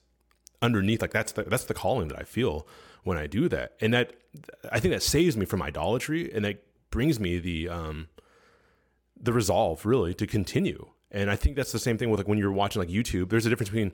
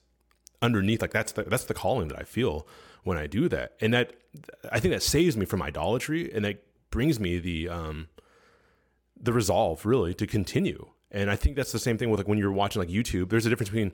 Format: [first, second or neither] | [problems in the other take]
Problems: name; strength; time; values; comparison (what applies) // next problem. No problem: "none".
neither | none